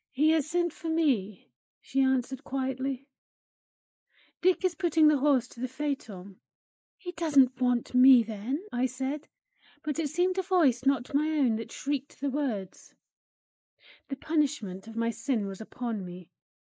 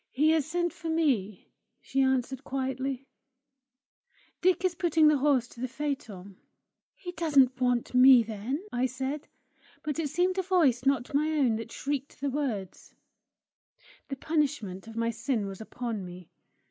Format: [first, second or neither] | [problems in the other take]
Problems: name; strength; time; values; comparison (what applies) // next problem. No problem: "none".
second | noise reduction (neural mask model Resemble Enhance denoiser)